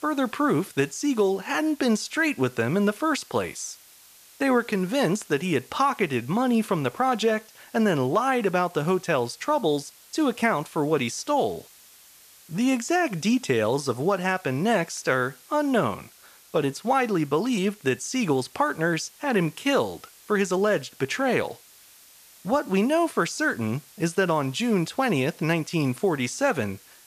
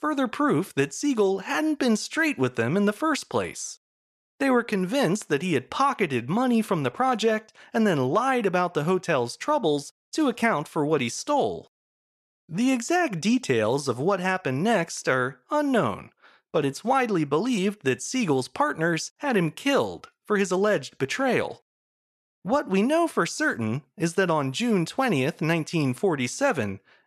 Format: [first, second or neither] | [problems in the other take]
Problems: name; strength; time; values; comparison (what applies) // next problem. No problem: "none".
second | hiss; faint; throughout; 25 dB below the speech